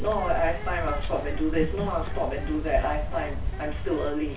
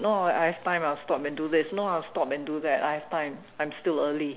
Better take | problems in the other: second | background sound (Bird); 4 dB below the speech // room echo; dies away in 0.3 s

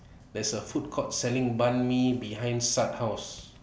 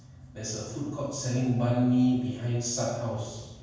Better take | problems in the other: first | room echo; dies away in 1.2 s

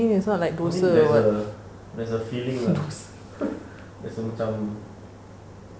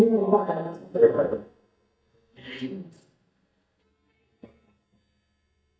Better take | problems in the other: first | noise reduction (neural mask model DeepFilterNet 3)

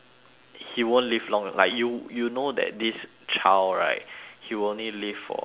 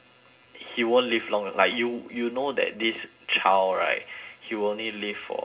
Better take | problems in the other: first | room echo; dies away in 0.2 s

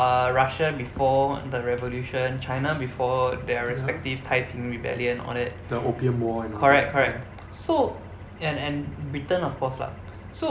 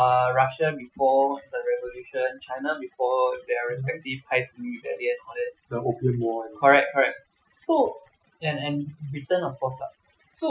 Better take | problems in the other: first | noise reduction (classical method Wiener filter)

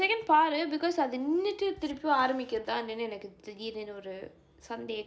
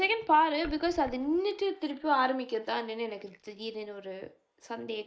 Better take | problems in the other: first | noise reduction (neural mask model Resemble Enhance denoiser)

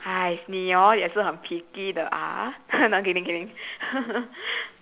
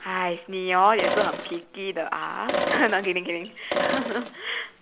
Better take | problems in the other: first | background sound (Sink (filling or washing)); 3 dB below the speech

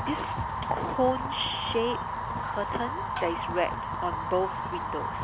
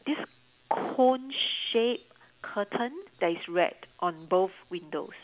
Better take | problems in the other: second | background sound (Fire); 1 dB below the speech

